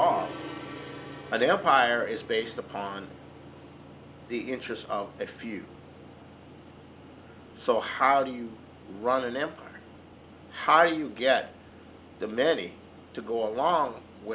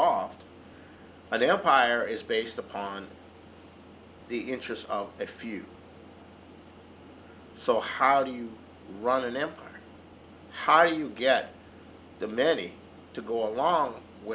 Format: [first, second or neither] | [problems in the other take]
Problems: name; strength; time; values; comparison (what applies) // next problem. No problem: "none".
second | background sound (Gong); 18 dB below the speech